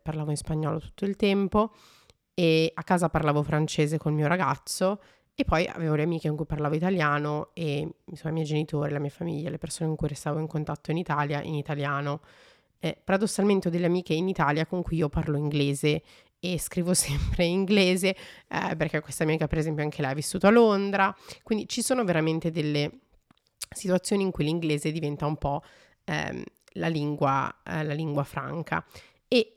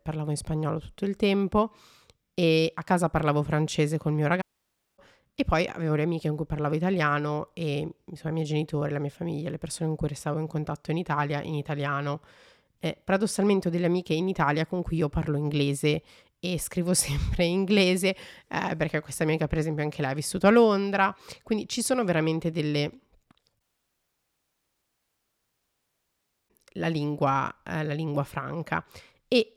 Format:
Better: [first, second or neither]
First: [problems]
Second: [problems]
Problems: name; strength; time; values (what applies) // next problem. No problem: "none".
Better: first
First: none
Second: audio cutting out; at 4.5 s for 0.5 s and at 24 s for 3 s